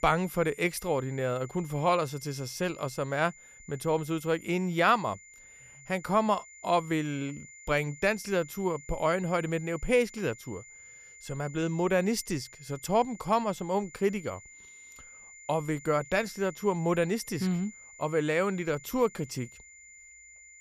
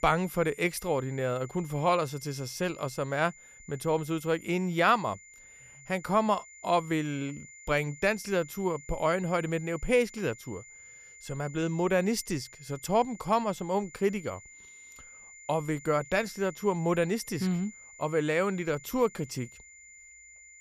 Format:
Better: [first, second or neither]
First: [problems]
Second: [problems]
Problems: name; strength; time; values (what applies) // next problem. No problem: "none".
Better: neither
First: high-pitched whine; noticeable; throughout; 2 kHz, 20 dB below the speech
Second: high-pitched whine; noticeable; throughout; 2 kHz, 20 dB below the speech